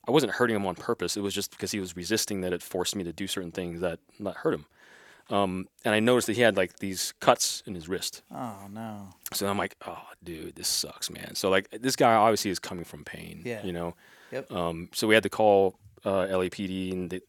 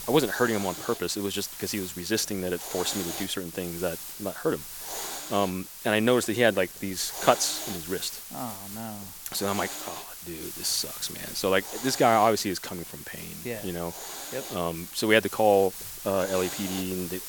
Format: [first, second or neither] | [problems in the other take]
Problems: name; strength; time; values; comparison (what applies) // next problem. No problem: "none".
first | hiss; loud; throughout; 9 dB below the speech